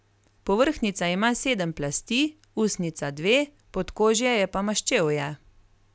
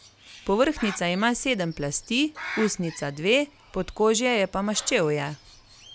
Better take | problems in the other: first | background sound (Bird); 17 dB below the speech

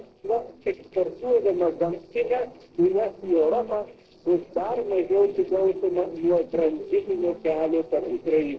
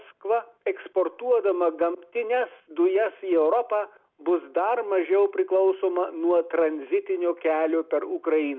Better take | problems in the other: second | noise reduction (neural separator model SepFormer DNS4)

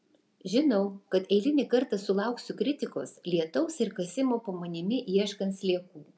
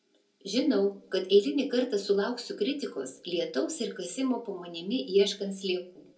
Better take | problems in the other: first | room echo; dies away in 0.2 s

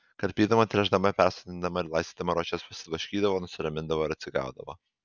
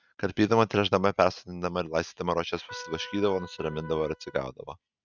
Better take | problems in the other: first | noise reduction (neural mask model RNNoise)

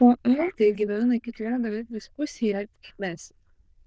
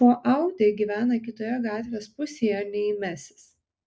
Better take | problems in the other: second | noise reduction (neural diffusion model UNIVERSE++)

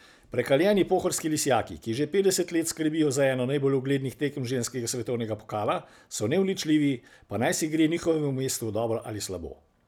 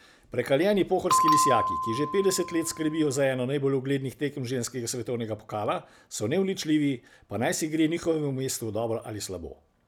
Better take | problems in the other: first | background sound (Bell); as loud as the speech

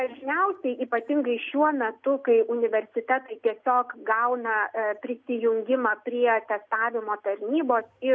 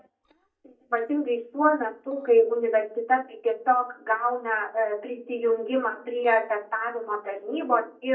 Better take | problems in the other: first | noise reduction (neural mask model DeepFilterNet 3)

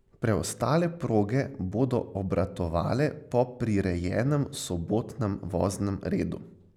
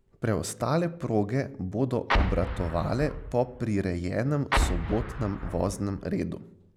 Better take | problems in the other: first | background sound (Explosion); 2 dB below the speech

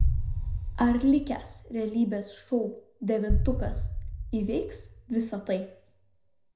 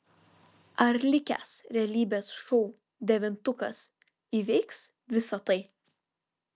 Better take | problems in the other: second | background sound (Boom); 2 dB below the speech // room echo; dies away in 0.4 s

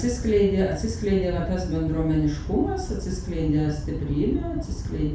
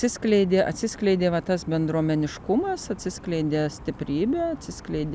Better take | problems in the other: second | background sound (Wind / Boat, Water vehicle); 6 dB below the speech // room echo; dies away in 0.4 s

